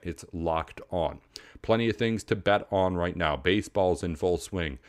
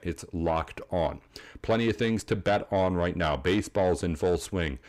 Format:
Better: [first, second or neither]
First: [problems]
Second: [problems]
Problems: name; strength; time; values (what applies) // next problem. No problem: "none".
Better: first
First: none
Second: distortion; slight; 10 dB below the speech